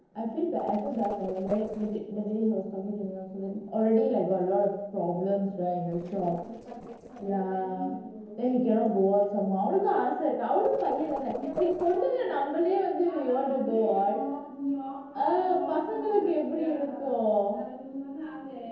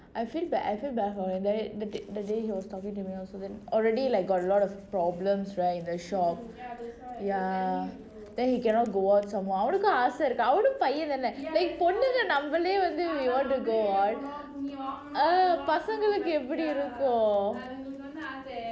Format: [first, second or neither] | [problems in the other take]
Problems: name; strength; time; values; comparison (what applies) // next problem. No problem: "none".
second | noise reduction (neural separator model SepFormer DNS4)